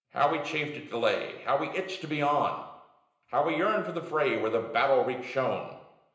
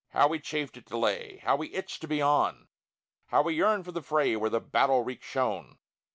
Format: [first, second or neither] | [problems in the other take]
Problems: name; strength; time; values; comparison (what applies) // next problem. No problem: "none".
second | room echo; dies away in 0.9 s